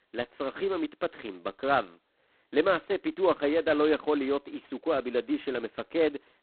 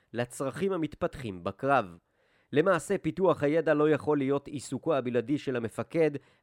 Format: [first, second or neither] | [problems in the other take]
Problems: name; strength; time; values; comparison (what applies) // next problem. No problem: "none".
second | phone-call audio; poor line; nothing above 4 kHz